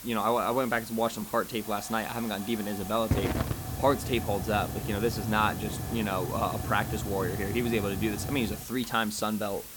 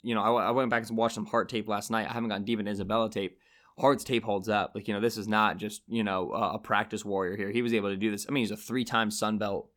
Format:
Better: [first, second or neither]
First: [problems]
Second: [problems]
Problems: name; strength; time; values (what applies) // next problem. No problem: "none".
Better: second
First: hiss; loud; throughout; 6 dB below the speech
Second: none